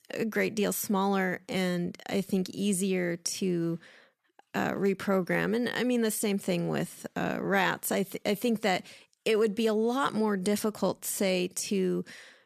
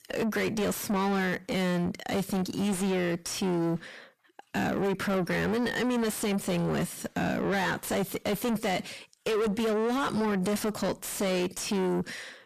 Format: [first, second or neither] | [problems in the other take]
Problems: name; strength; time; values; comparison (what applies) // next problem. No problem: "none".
first | distortion; heavy; 7 dB below the speech